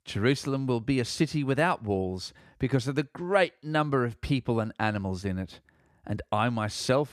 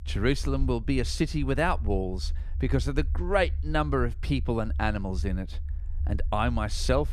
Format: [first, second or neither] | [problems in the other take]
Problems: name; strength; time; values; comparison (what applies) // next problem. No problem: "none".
first | low rumble; faint; throughout; 25 dB below the speech